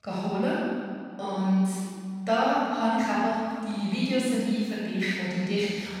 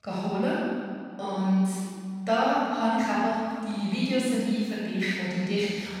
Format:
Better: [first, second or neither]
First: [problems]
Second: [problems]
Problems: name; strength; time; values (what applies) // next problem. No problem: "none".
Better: neither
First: off-mic speech; far // room echo; strong; dies away in 1.9 s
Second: off-mic speech; far // room echo; strong; dies away in 1.9 s